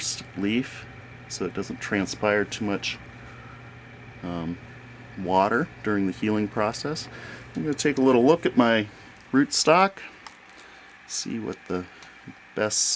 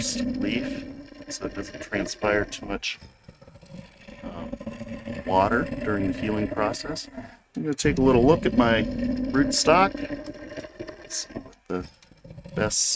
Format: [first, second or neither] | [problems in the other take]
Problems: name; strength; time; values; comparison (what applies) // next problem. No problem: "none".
first | noise reduction (neural mask model RNNoise)